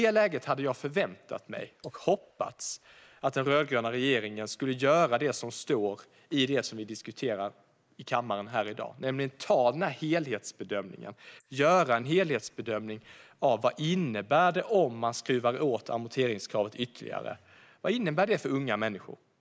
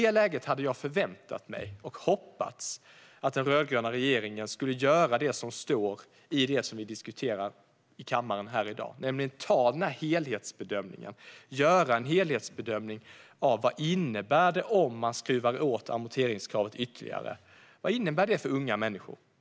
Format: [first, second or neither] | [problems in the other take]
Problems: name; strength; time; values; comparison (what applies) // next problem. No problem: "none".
second | noise reduction (neural mask model Resemble Enhance denoiser)